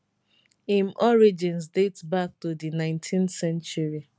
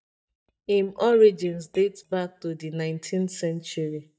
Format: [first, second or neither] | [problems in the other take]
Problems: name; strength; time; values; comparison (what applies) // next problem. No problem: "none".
first | noise reduction (neural mask model DeepFilterNet 3)